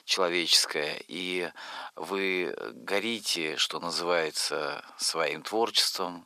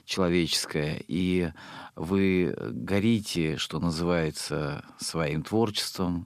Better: second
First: thin; very; fading below 600 Hz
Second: none

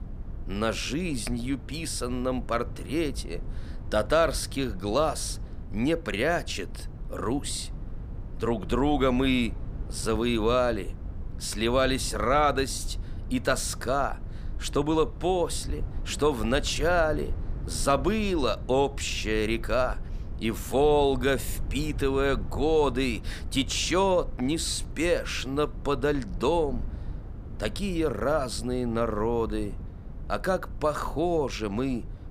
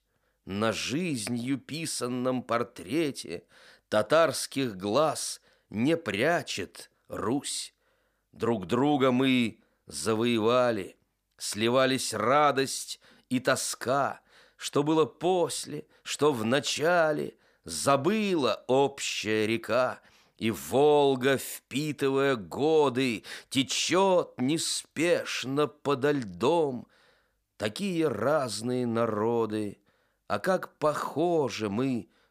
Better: second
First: low rumble; faint; throughout; 25 dB below the speech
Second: none

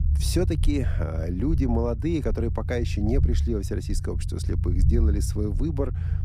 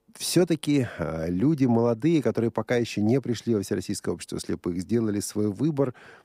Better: second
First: low rumble; noticeable; throughout; 10 dB below the speech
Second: none

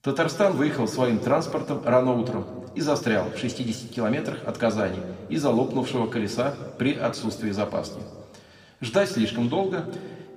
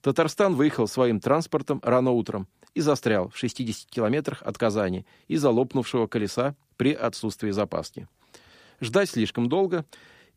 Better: second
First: room echo; slight; dies away in 1.4 s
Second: none

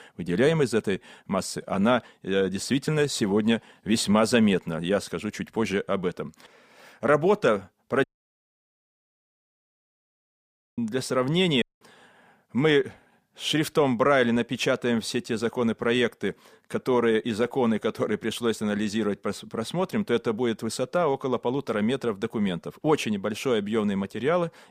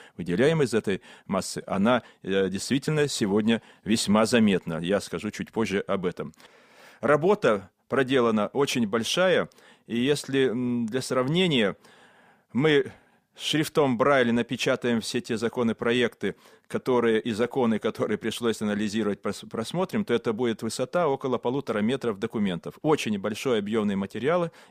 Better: second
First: audio cutting out; at 8 s for 2.5 s and at 12 s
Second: none

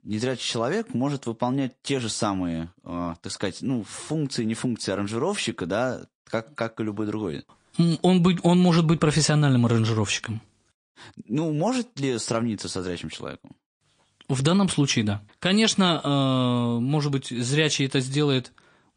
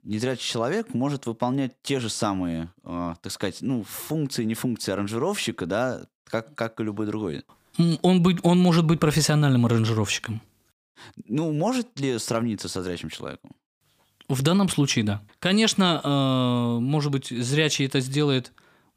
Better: second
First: garbled, watery; slightly; nothing above 9 kHz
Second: none

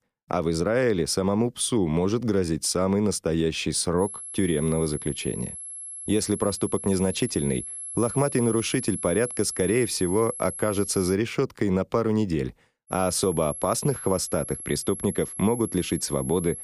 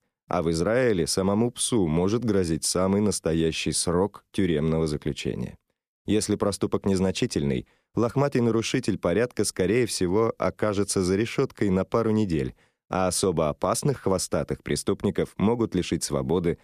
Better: second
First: high-pitched whine; loud; from 4 to 11 s and from 13 s on; 11 kHz, 9 dB below the speech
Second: none

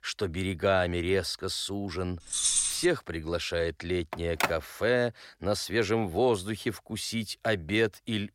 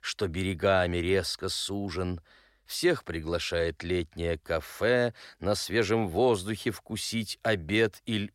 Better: second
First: jangling keys; loud; at 2.5 s; peak 6 dB above the speech // phone ringing; noticeable; at 4 s; peak 1 dB below the speech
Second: none

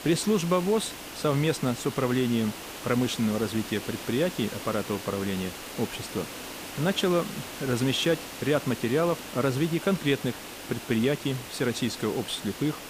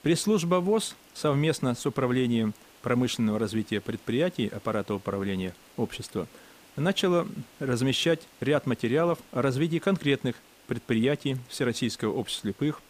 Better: second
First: hiss; loud; throughout; 10 dB below the speech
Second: hiss; faint; throughout; 25 dB below the speech

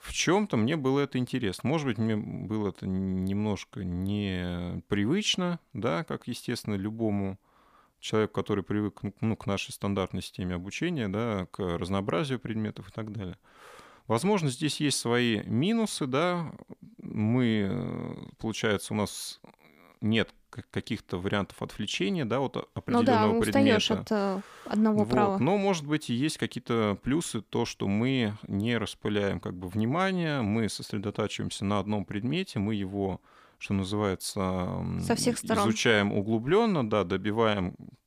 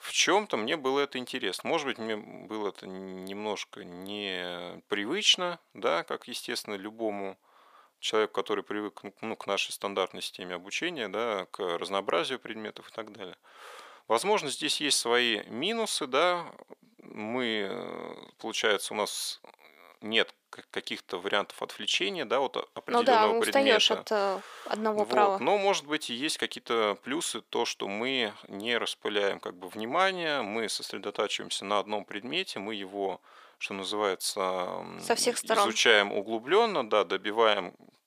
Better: first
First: none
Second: thin; somewhat; fading below 550 Hz

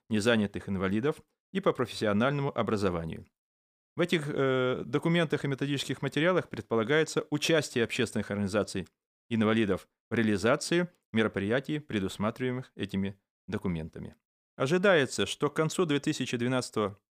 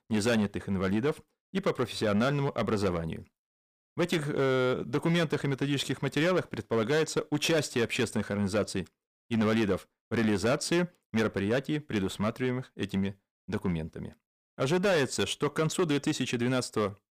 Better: first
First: none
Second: distortion; slight; 8% of the sound clipped

